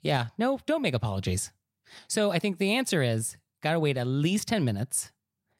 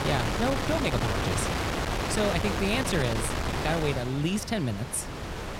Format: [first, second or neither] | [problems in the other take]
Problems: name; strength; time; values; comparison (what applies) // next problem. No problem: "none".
first | wind noise on the microphone; heavy; as loud as the speech